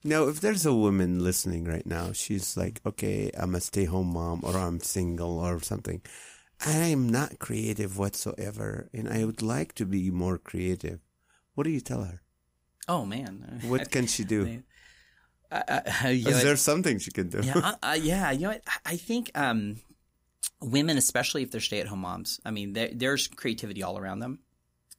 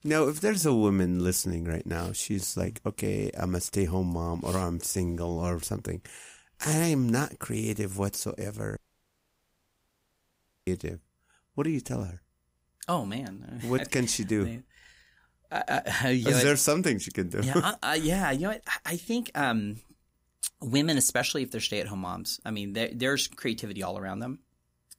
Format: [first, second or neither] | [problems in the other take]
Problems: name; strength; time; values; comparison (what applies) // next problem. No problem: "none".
first | audio cutting out; at 9 s for 2 s